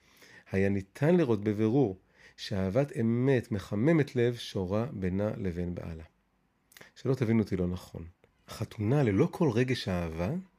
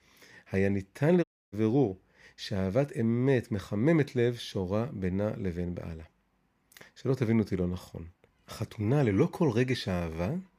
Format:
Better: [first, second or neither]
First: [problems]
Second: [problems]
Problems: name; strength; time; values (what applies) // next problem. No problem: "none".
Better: first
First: none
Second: audio cutting out; at 1 s